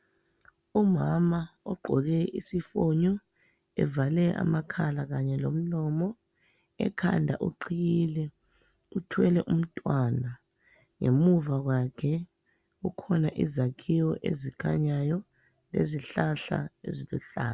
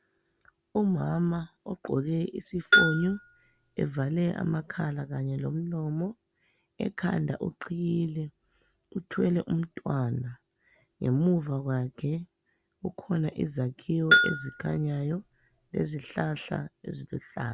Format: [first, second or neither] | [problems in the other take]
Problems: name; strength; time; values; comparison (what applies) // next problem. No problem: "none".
first | background sound (Bell); 2 dB above the speech